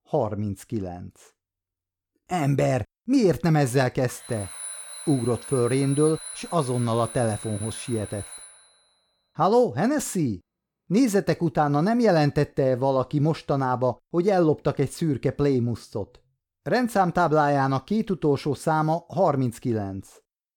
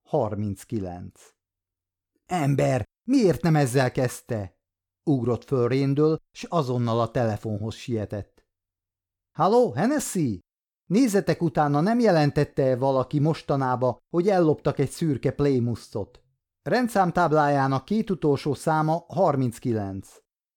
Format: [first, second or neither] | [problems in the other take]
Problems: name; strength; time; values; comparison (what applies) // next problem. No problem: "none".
second | alarm; noticeable; from 4 to 8.5 s; peak 10 dB below the speech